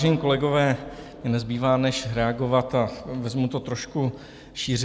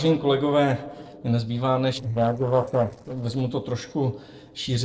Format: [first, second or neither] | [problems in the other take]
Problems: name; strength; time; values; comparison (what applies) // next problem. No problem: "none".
first | noise reduction (neural separator model SepFormer DNS4)